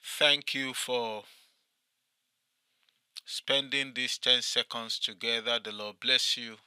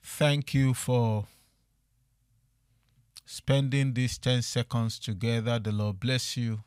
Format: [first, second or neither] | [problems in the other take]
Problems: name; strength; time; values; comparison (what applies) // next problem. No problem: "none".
second | thin; very; fading below 350 Hz